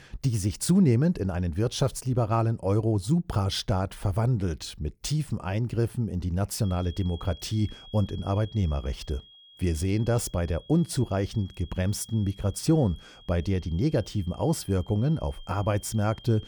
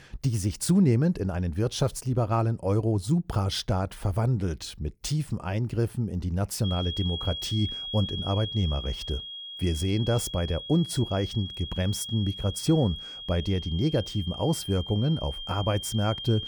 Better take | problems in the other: first | high-pitched whine; loud; from 6.5 s on; 3.5 kHz, 8 dB below the speech; faint in the first

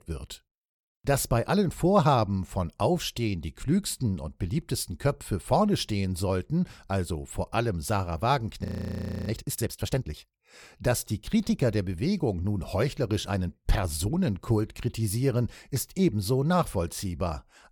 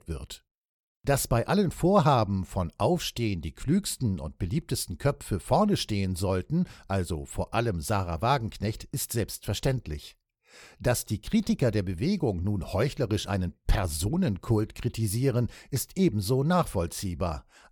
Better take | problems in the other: second | audio freezing; at 8.5 s for 0.5 s

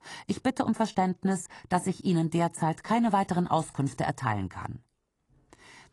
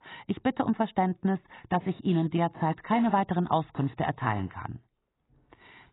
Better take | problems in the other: first | garbled, watery; badly; nothing above 4 kHz; slightly in the first

